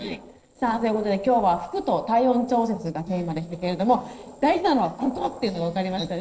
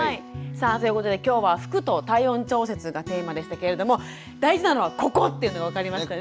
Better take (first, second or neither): second